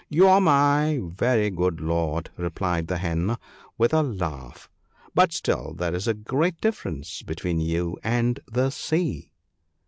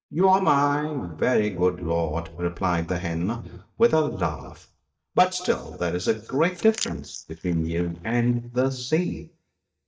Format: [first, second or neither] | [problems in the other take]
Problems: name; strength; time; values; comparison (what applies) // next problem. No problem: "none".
first | noise reduction (neural mask model DeepFilterNet 3)